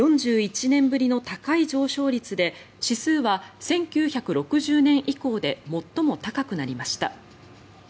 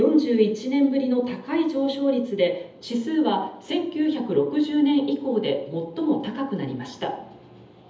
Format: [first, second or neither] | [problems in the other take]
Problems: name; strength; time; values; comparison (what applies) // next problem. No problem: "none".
first | room echo; dies away in 0.7 s